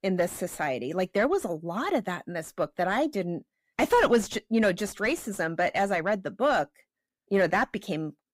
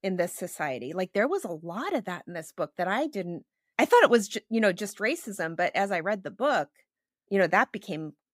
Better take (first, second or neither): second